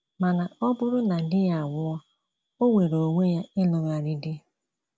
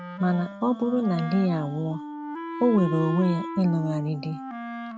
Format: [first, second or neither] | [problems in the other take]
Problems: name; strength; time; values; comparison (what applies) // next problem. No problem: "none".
first | background sound (Wind instrument, woodwind instrument); 9 dB below the speech